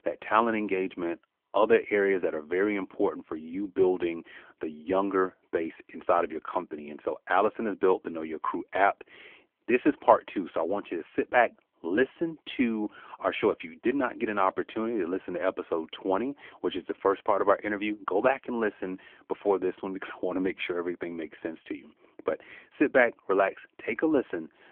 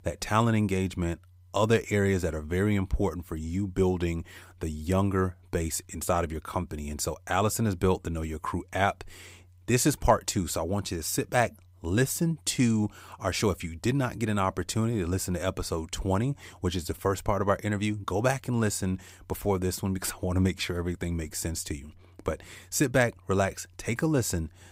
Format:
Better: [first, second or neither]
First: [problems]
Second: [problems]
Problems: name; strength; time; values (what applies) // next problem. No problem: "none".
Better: second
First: phone-call audio; nothing above 3.5 kHz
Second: none